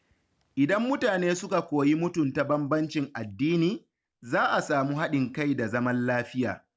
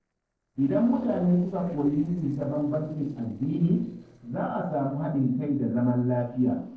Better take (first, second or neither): first